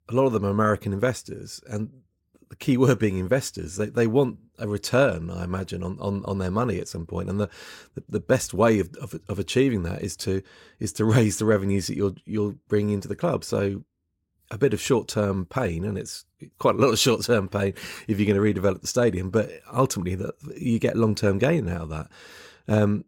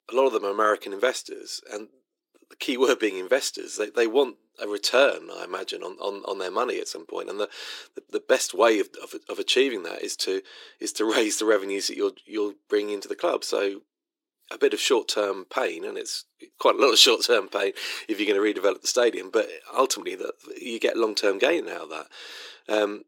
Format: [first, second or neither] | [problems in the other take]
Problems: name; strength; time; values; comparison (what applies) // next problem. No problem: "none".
first | thin; very; fading below 300 Hz